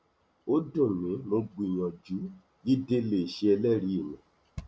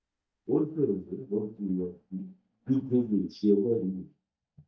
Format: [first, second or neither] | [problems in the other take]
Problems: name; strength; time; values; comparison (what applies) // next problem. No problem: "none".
first | noise reduction (neural mask model DeepFilterNet 3)